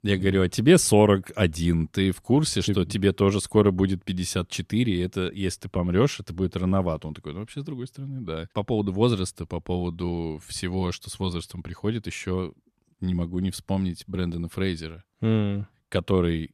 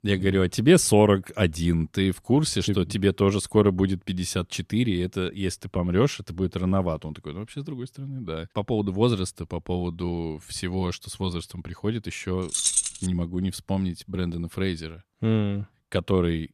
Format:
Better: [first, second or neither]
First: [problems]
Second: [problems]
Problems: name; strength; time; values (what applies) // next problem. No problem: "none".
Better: first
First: none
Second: jangling keys; loud; at 13 s; peak 4 dB above the speech